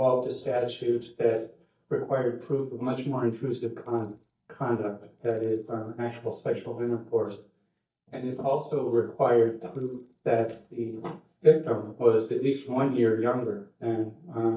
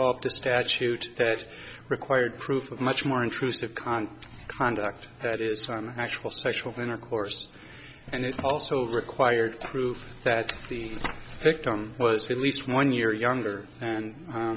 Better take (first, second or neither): second